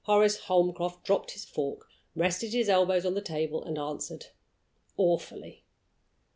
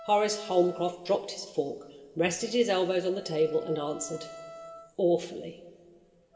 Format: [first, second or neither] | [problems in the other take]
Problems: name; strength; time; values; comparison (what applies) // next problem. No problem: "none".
first | background sound (Wind instrument, woodwind instrument); 19 dB below the speech // room echo; dies away in 1.9 s